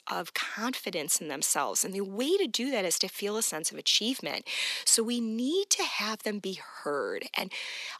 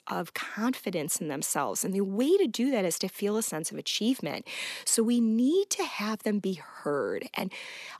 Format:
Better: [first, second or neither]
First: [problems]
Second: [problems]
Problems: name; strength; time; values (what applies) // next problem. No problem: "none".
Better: second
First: thin; very slightly; fading below 900 Hz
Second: none